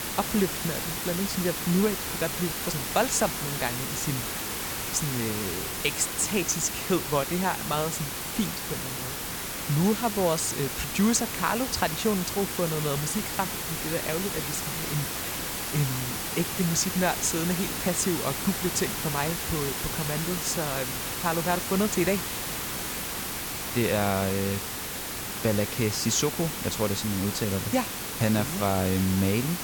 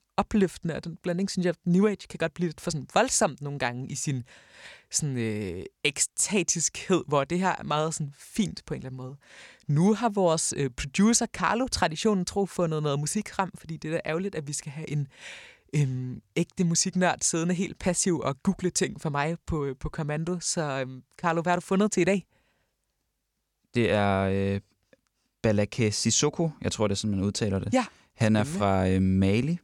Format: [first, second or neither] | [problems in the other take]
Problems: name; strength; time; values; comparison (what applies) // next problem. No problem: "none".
second | hiss; loud; throughout; 2 dB below the speech